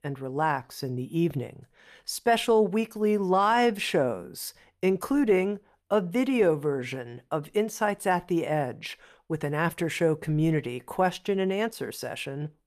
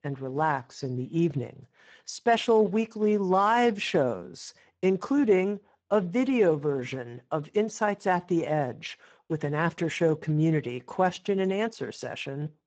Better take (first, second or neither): first